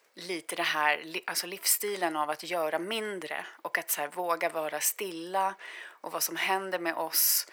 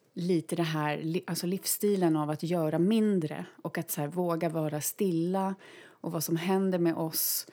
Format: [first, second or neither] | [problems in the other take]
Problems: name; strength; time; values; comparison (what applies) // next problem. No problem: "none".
second | thin; very; fading below 800 Hz